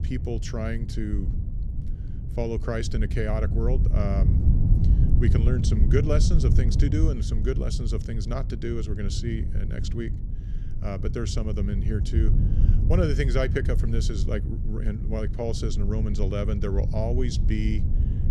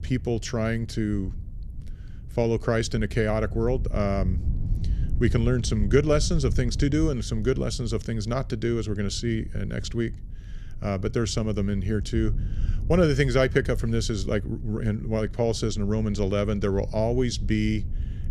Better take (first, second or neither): second